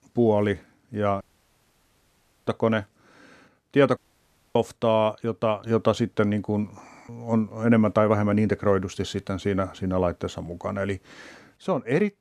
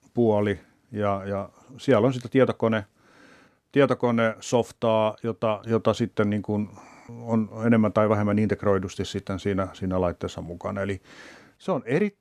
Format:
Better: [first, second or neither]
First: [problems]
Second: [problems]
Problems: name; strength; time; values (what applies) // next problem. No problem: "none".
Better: second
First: audio cutting out; at 1 s for 1.5 s and at 4 s for 0.5 s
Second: none